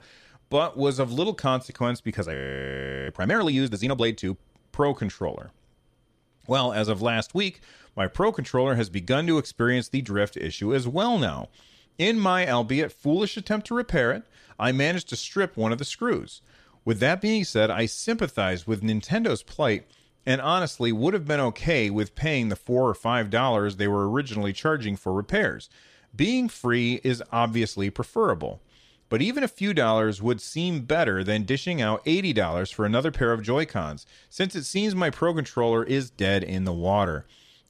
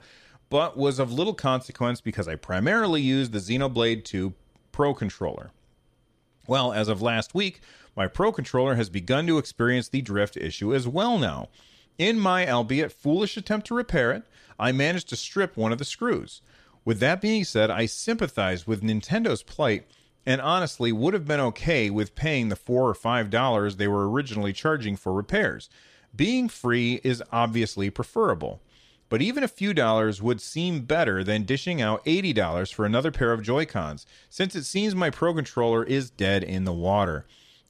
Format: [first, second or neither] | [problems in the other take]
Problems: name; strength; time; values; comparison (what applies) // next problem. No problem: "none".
second | audio freezing; at 2.5 s for 0.5 s